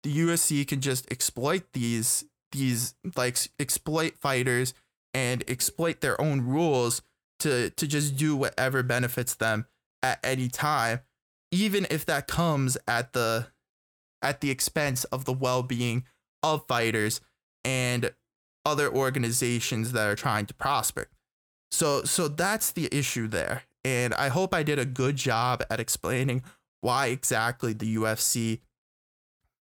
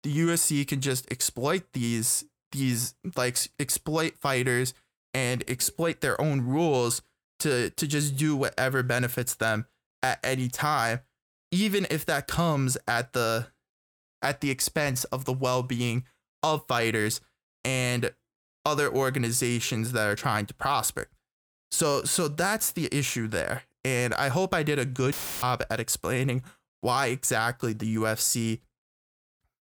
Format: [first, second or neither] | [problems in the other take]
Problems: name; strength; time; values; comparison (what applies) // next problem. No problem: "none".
first | audio cutting out; filled with static; at 25 s